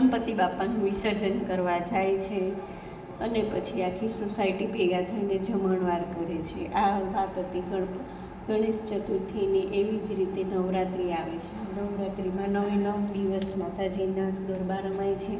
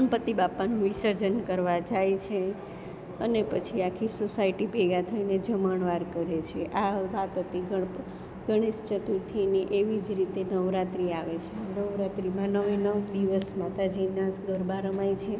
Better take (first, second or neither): second